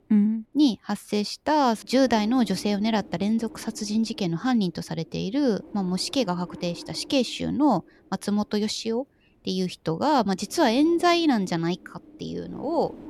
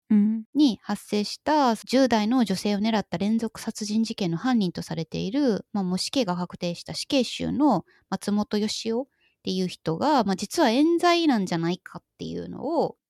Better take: second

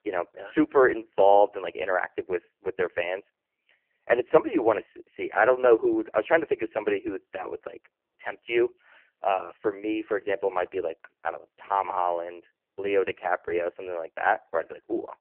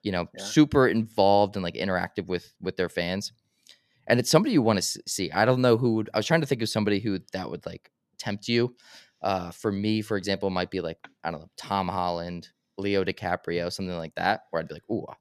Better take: second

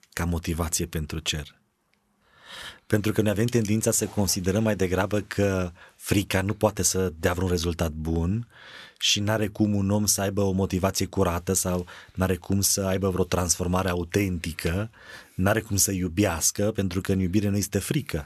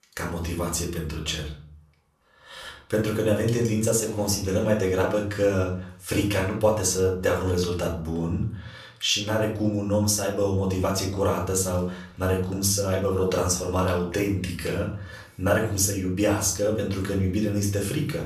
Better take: first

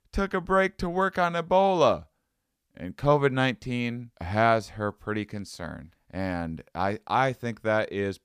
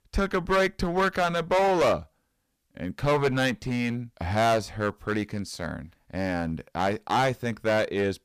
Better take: first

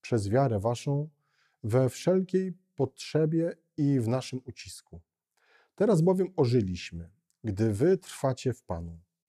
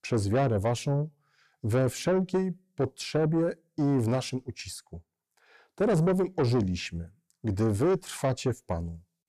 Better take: first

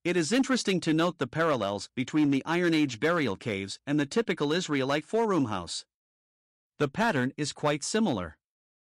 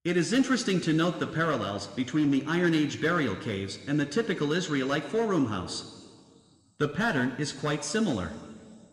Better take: first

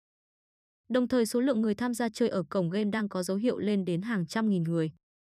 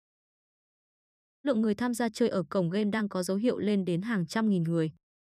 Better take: first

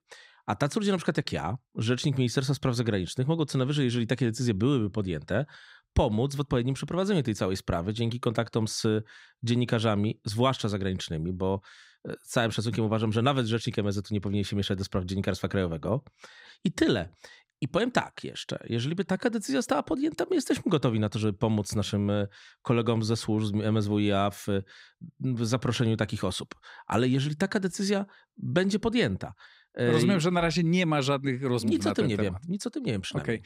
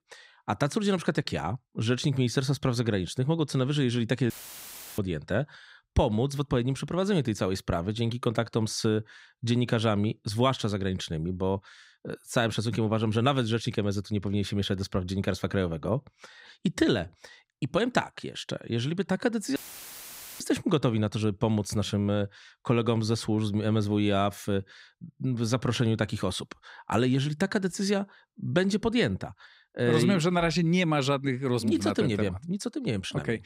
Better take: first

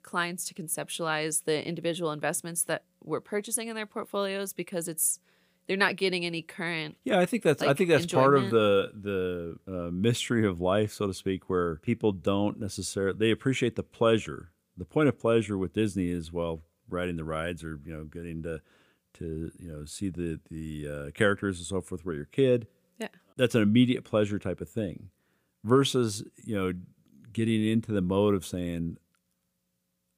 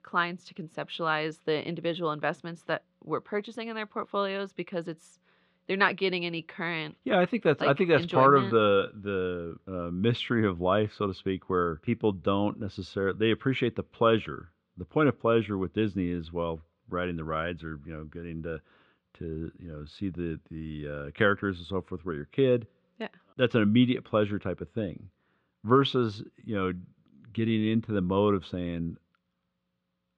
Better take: first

